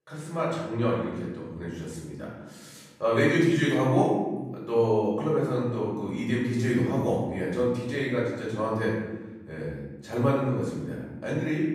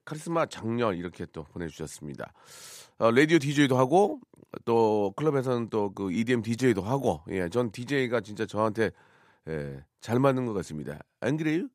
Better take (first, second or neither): second